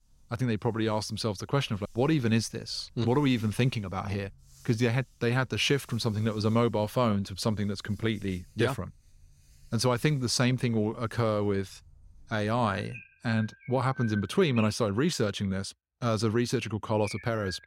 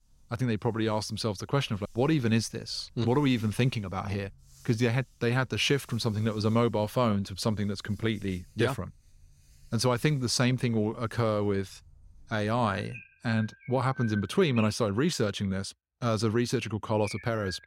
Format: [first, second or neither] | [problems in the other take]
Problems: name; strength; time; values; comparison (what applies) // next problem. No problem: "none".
neither | animal sounds; faint; throughout; 20 dB below the speech; the same in both